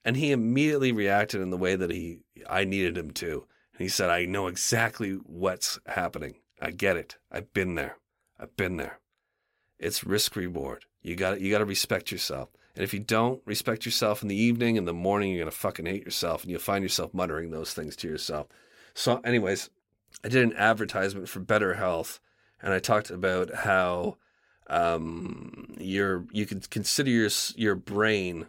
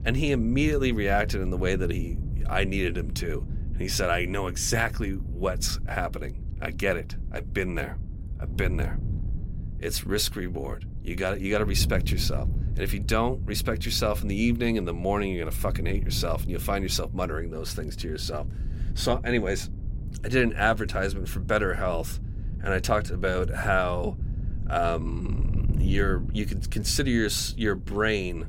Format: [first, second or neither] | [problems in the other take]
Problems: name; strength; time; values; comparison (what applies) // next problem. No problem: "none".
first | wind noise on the microphone; occasional gusts; 20 dB below the speech